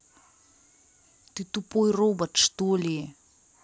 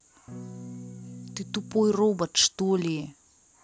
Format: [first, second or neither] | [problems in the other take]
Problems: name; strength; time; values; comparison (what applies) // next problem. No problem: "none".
first | background sound (Electric guitar / Strum); 13 dB below the speech